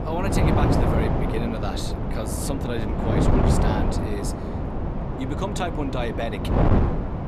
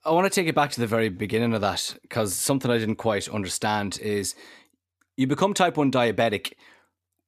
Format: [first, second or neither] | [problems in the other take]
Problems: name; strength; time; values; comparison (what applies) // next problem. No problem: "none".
second | wind noise on the microphone; heavy; 3 dB above the speech